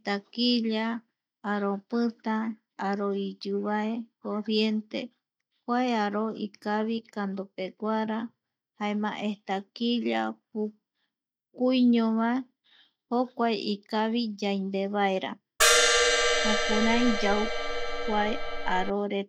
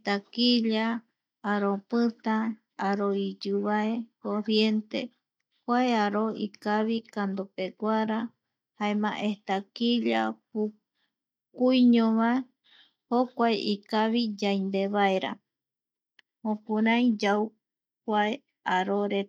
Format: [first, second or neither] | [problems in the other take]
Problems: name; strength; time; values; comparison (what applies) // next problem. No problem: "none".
second | background sound (Crash cymbal); 4 dB above the speech